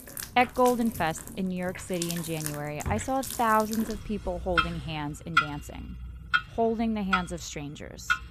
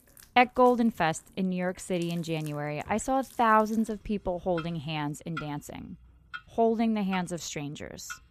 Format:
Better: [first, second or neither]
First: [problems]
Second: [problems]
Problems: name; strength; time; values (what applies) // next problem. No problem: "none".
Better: second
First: household noises; loud; throughout; 3 dB below the speech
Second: household noises; faint; throughout; 20 dB below the speech